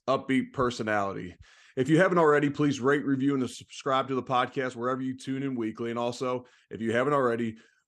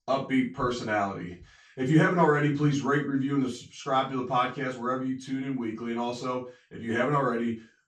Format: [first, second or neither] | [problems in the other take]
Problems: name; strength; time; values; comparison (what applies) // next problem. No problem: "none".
first | room echo; slight; dies away in 0.2 s // off-mic speech; far